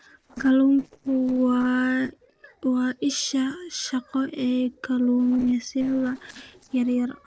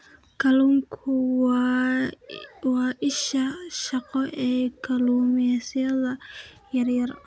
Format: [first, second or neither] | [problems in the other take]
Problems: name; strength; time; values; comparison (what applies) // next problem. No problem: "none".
second | noise reduction (neural separator model SepFormer DNS4)